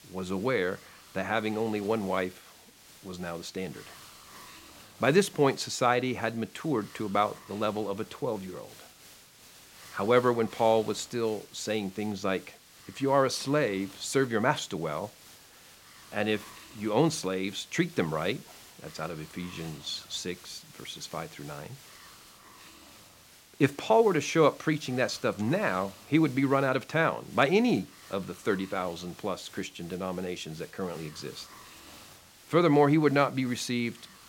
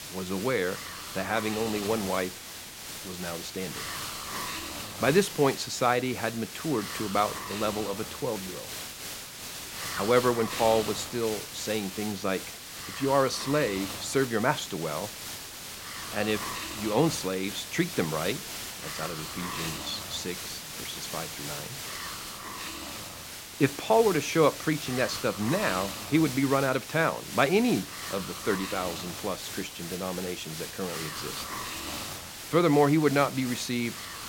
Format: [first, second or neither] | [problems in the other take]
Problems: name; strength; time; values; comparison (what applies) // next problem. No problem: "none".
first | hiss; loud; throughout; 7 dB below the speech; faint in the first